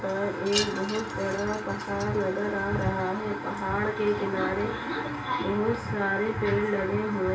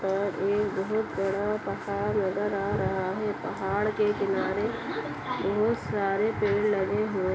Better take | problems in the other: second | background sound (Wind chime); 12 dB below the speech // room echo; dies away in 0.2 s

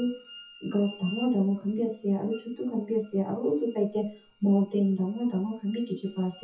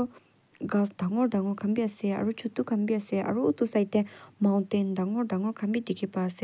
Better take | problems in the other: second | noise reduction (classical method WPE with log-MMSE)

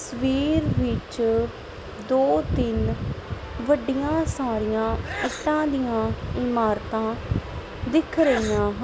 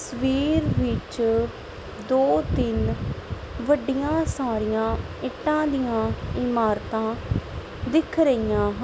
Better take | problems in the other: second | background sound (Sneeze / Church bell); 14 dB below the speech

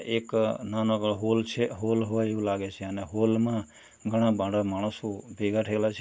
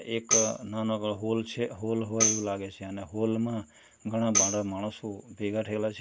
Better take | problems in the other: first | background sound (Tambourine); 2 dB below the speech

